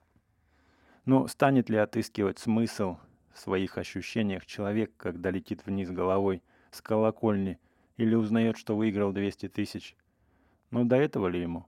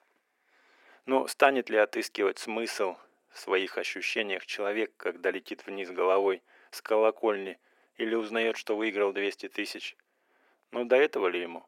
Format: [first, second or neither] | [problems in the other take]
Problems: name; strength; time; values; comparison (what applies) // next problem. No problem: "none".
first | thin; very; fading below 400 Hz